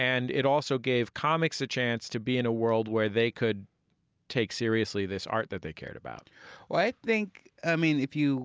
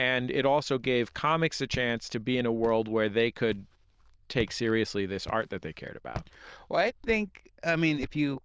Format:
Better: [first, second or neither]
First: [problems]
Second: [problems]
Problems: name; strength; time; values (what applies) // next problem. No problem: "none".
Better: first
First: none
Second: noise reduction (neural diffusion model UNIVERSE++)